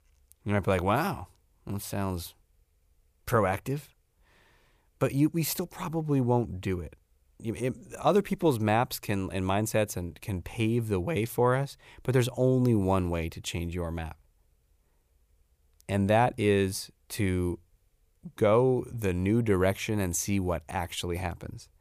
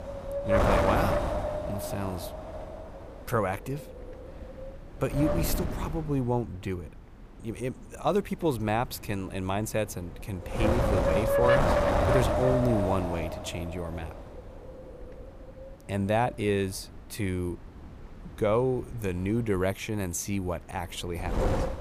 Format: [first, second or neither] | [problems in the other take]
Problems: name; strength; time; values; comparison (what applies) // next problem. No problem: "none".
first | wind noise on the microphone; heavy; 3 dB above the speech